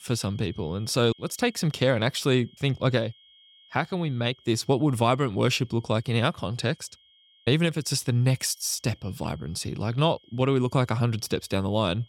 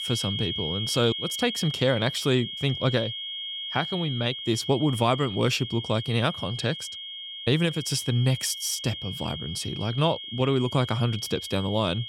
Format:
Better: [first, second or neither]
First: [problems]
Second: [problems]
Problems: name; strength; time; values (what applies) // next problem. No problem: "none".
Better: first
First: high-pitched whine; faint; throughout; 3 kHz, 30 dB below the speech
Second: high-pitched whine; loud; throughout; 3 kHz, 6 dB below the speech